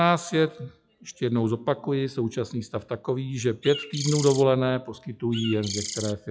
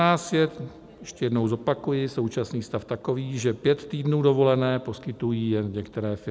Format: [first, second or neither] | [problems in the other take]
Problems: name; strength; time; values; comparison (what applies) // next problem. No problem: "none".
second | noise reduction (classical method log-MMSE)